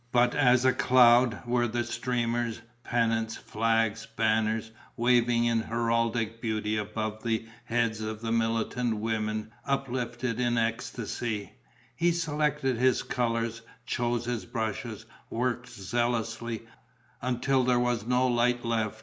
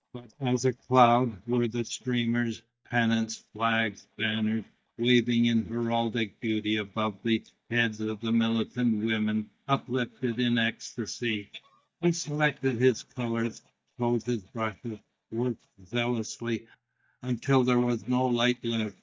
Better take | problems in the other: first | noise reduction (neural mask model DeepFilterNet 3)

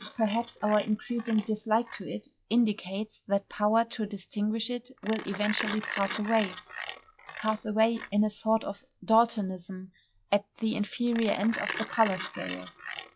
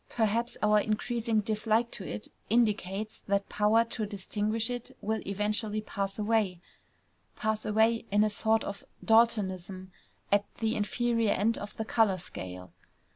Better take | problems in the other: second | noise reduction (classical method log-MMSE)

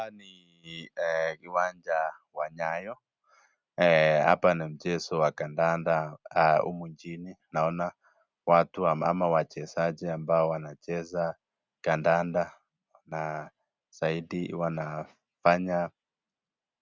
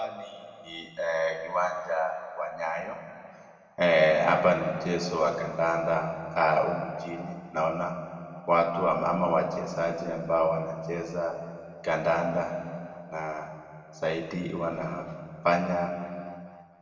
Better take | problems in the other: first | room echo; dies away in 1.9 s

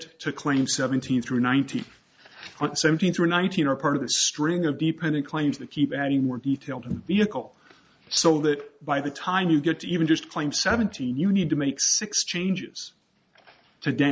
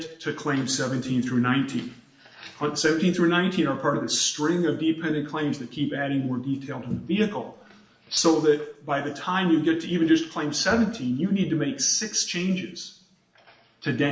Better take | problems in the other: first | room echo; dies away in 0.6 s

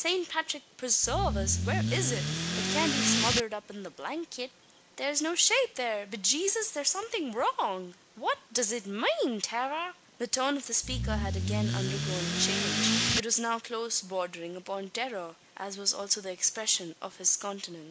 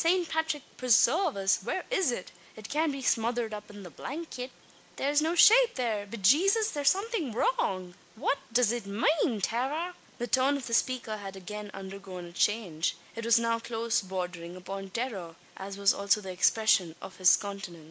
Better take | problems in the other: second | background sound (Accelerating, revving, vroom / Car); 2 dB above the speech

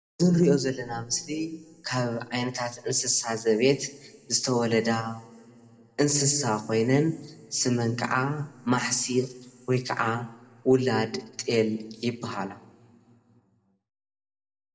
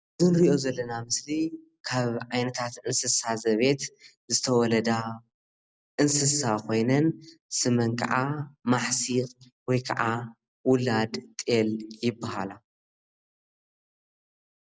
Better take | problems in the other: second | room echo; dies away in 1.7 s

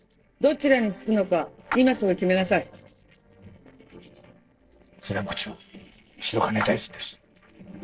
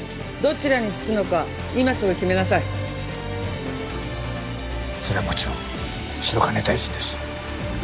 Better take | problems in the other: second | noise reduction (neural separator model SepFormer DNS4)

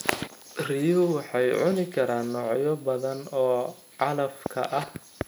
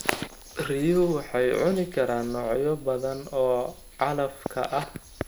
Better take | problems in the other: first | background sound (Purr); 20 dB below the speech

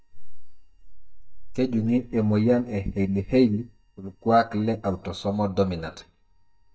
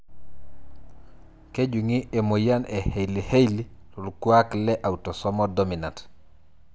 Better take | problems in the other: second | noise reduction (neural mask model DeepFilterNet 3)

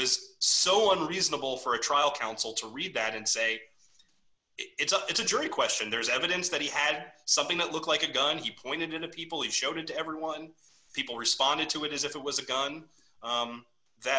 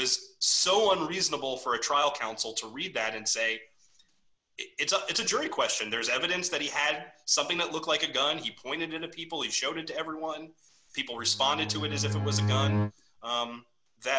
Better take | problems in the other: first | background sound (Bowed string instrument); 1 dB above the speech

